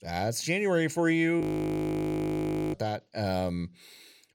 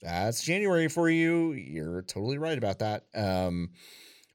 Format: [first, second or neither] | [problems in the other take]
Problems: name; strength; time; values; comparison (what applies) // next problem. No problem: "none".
second | audio freezing; at 1.5 s for 1.5 s